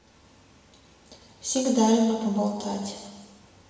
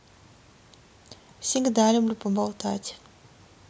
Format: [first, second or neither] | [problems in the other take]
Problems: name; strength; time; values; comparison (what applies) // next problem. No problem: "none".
second | room echo; dies away in 1.3 s